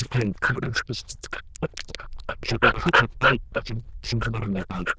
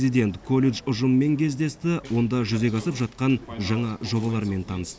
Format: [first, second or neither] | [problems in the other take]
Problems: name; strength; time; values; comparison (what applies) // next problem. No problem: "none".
second | noise reduction (neural diffusion model UNIVERSE++)